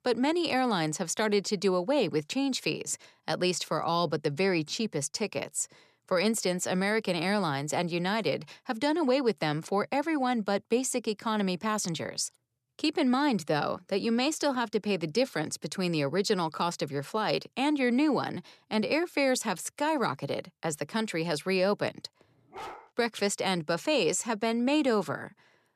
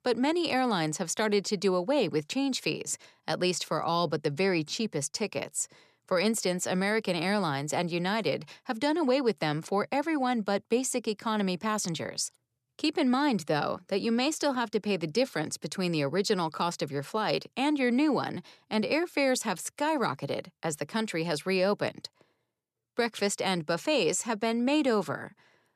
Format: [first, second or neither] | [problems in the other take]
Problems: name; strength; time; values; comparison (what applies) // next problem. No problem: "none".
second | dog barking; faint; at 23 s; peak 15 dB below the speech